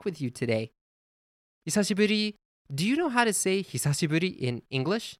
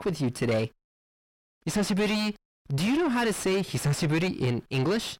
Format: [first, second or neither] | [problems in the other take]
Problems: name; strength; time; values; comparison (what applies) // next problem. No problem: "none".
first | distortion; heavy; 4 dB below the speech